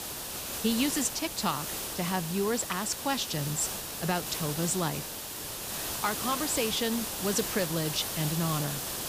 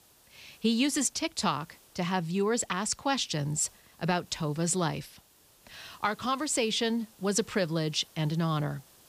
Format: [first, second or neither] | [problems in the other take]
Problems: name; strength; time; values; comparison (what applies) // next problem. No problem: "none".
second | hiss; loud; throughout; 3 dB below the speech; faint in the second